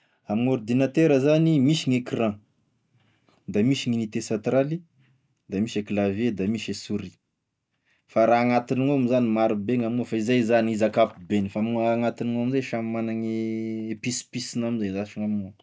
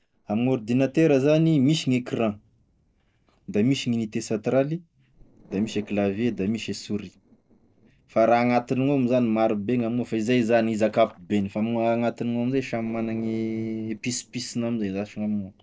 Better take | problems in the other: first | noise reduction (neural separator model SepFormer DNS4)

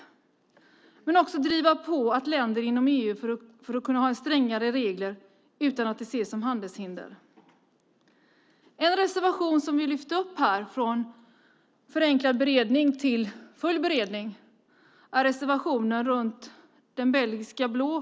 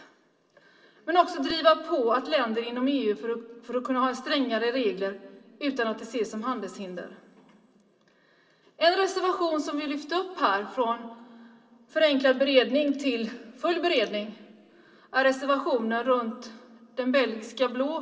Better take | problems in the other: first | room echo; dies away in 2.5 s

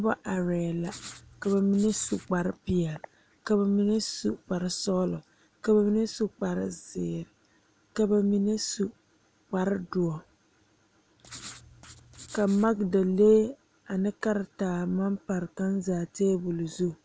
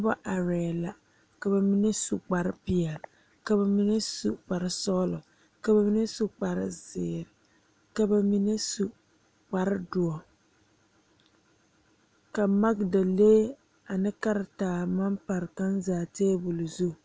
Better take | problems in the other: second | background sound (Writing); 18 dB below the speech

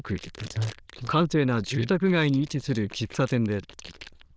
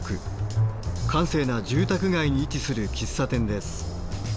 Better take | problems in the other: second | noise reduction (neural diffusion model UNIVERSE++)

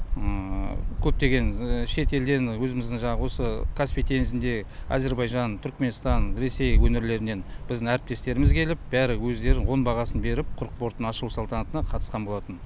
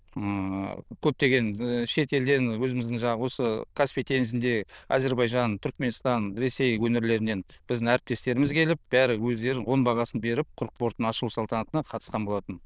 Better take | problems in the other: first | noise reduction (neural diffusion model UNIVERSE++)

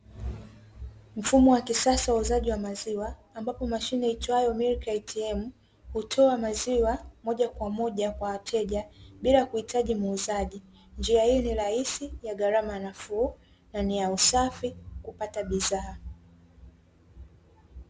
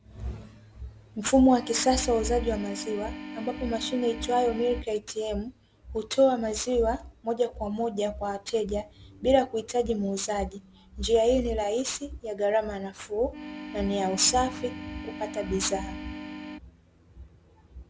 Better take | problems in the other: first | background sound (Organ); 11 dB below the speech

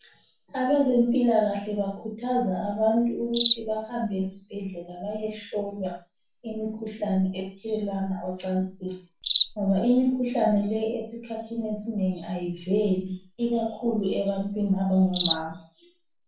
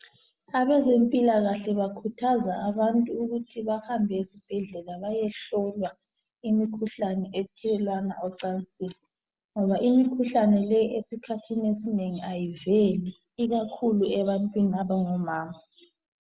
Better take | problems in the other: second | background sound (Cricket); 12 dB below the speech // room echo; dies away in 0.3 s

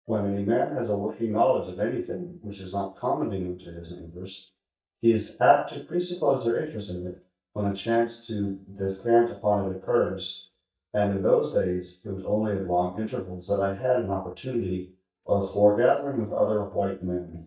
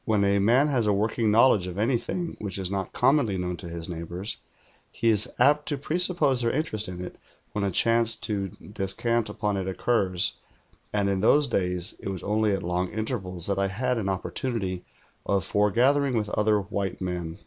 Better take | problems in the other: second | noise reduction (neural mask model DeepFilterNet 3)

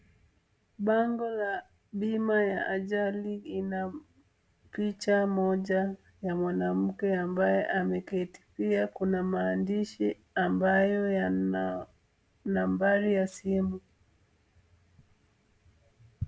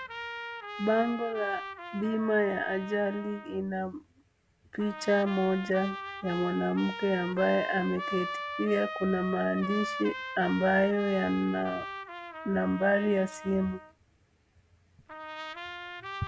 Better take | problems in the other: first | background sound (Trumpet); 10 dB below the speech

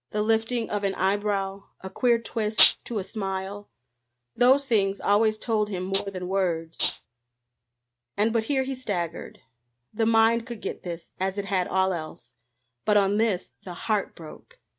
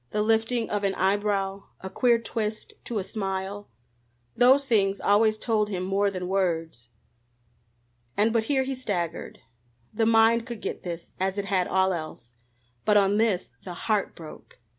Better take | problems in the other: second | noise reduction (neural mask model RNNoise)

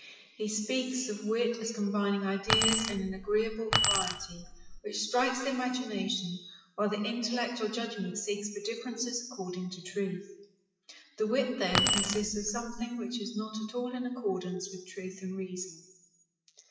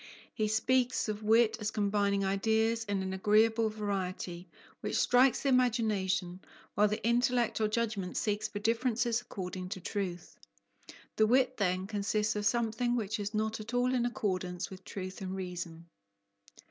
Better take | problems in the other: second | noise reduction (classical method WPE with log-MMSE)

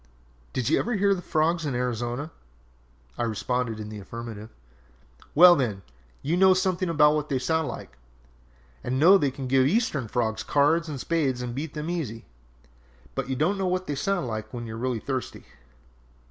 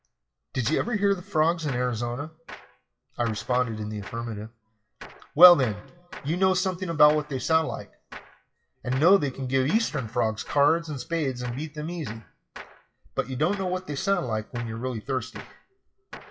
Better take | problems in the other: first | noise reduction (classical method WPE with log-MMSE)

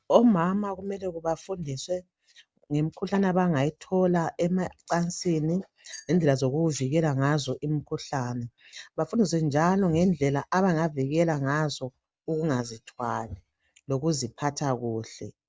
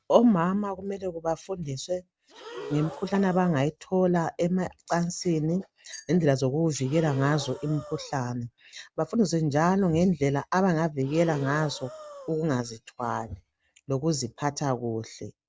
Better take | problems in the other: first | background sound (Breathing); 14 dB below the speech

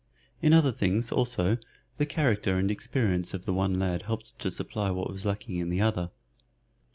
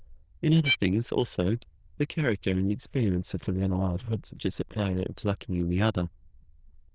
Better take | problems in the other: first | noise reduction (neural diffusion model UNIVERSE++)

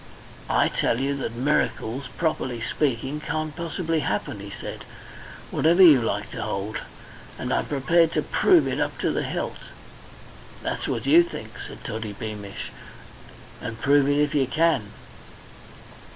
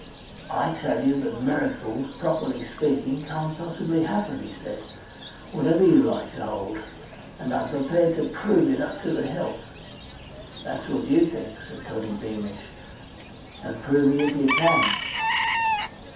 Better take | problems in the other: first | background sound (Bird / Chicken, rooster); 8 dB below the speech // room echo; dies away in 0.7 s

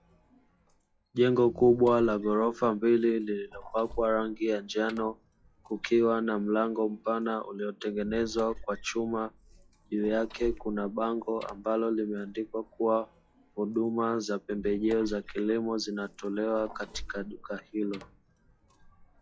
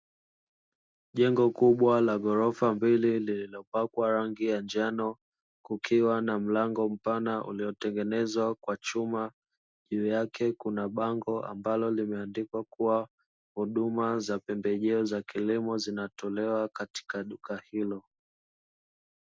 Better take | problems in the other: second | noise reduction (classical method log-MMSE)

